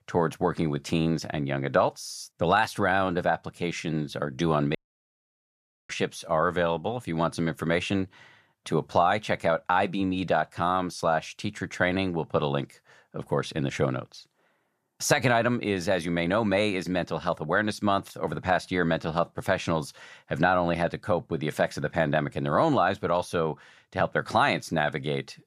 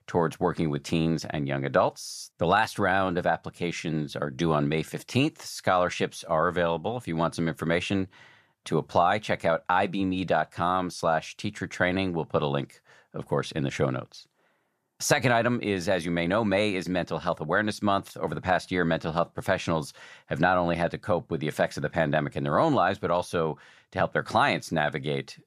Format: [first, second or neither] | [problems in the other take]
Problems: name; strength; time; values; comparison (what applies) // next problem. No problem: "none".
second | audio cutting out; at 5 s for 1 s